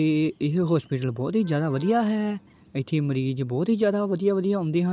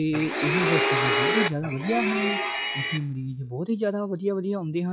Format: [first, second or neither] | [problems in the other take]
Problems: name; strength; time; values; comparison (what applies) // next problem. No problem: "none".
first | noise reduction (classical method log-MMSE)